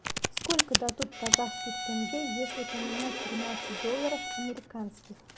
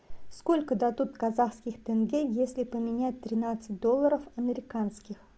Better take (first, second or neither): second